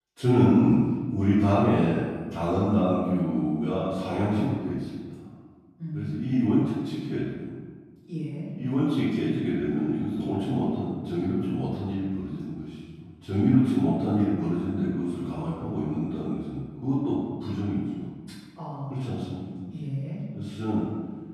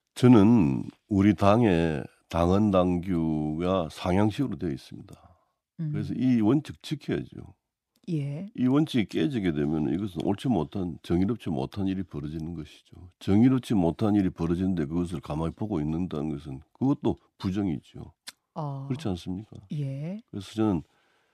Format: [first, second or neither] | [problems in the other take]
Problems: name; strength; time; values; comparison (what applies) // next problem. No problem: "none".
second | off-mic speech; far // room echo; strong; dies away in 1.3 s